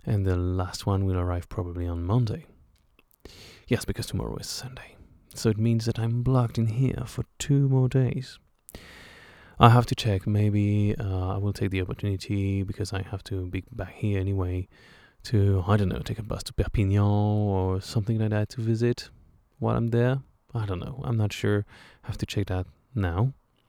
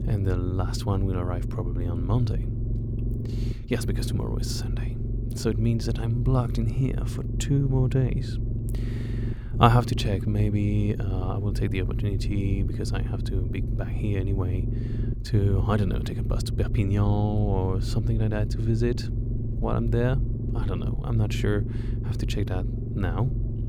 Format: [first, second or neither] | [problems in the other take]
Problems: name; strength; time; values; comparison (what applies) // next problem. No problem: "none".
first | low rumble; loud; throughout; 9 dB below the speech